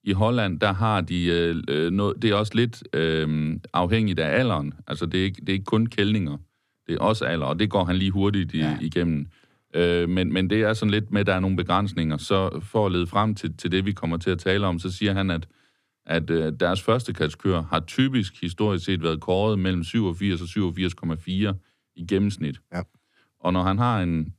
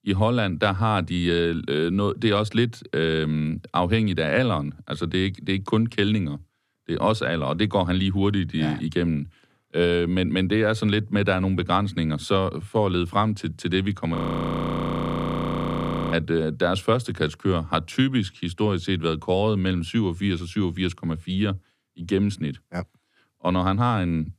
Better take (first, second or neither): first